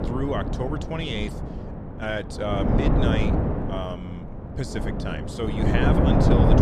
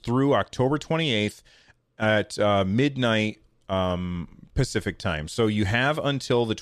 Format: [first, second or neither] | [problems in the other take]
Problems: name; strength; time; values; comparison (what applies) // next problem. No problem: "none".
second | wind noise on the microphone; heavy; 1 dB above the speech